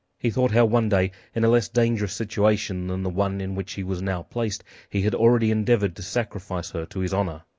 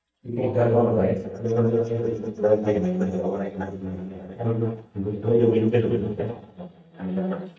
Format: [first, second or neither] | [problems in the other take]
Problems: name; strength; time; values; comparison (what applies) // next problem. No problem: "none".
first | noise reduction (neural mask model DeepFilterNet 3)